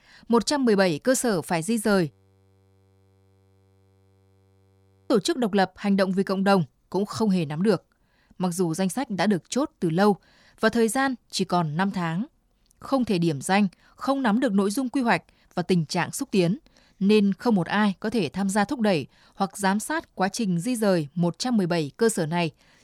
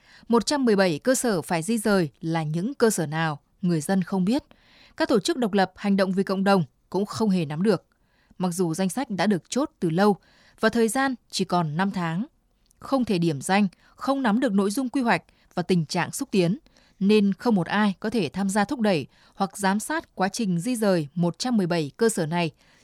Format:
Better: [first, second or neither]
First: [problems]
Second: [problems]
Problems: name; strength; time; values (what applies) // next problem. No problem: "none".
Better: second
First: audio freezing; at 2 s for 3 s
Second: none